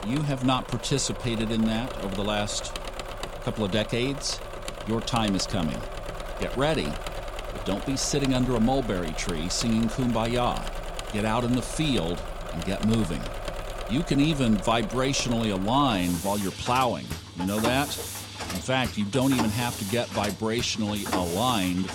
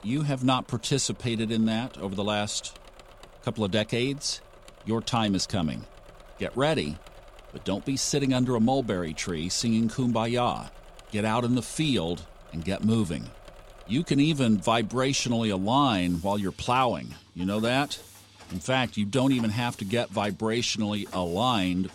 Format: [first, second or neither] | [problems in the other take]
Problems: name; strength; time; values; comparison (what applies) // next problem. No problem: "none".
second | machinery noise; loud; throughout; 8 dB below the speech; faint in the second